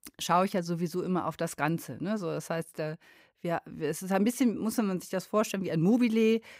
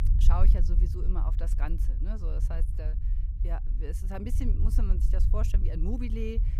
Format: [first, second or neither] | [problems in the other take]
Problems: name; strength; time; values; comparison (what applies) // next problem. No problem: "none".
first | low rumble; loud; throughout; 7 dB below the speech